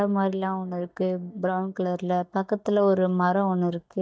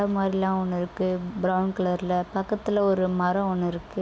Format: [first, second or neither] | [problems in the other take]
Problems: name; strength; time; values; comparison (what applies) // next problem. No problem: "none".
second | noise reduction (neural mask model DeepFilterNet 3)